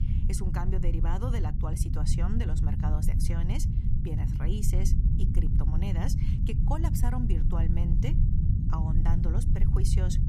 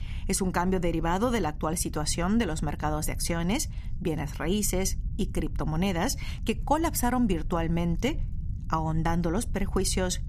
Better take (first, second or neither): second